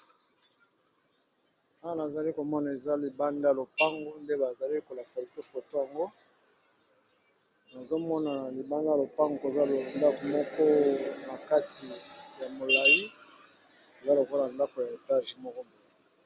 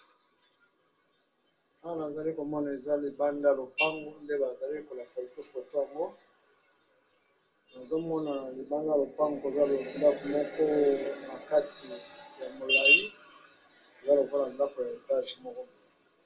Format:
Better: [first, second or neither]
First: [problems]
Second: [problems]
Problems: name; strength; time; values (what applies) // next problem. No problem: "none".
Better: first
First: none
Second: room echo; dies away in 0.2 s